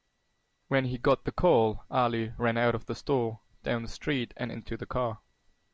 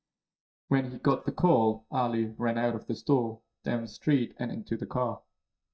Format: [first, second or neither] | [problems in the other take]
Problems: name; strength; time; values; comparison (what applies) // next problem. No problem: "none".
first | noise reduction (neural mask model DeepFilterNet 3)